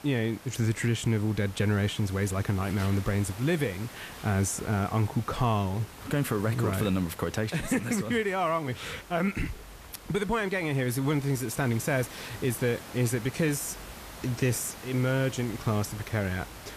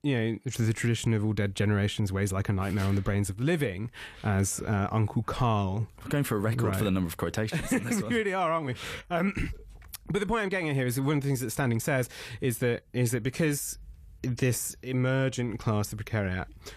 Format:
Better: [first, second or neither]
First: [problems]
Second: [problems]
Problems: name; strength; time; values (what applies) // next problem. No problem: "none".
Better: second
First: hiss; noticeable; throughout; 15 dB below the speech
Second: none